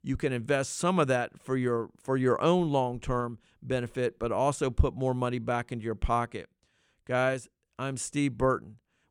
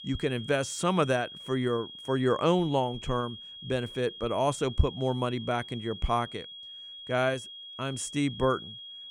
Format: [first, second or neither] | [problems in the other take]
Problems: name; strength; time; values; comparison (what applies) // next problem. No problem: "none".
first | high-pitched whine; noticeable; throughout; 3.5 kHz, 10 dB below the speech